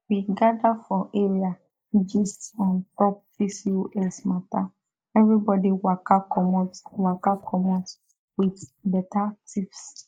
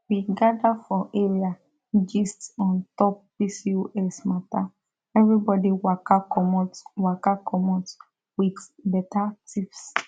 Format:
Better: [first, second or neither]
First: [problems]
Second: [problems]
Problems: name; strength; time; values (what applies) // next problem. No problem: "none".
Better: second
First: noise reduction (neural mask model Resemble Enhance denoiser)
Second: none